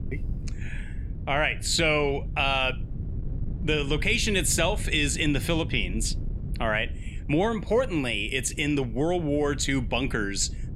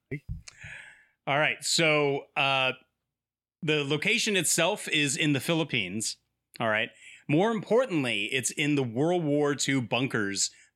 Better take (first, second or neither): second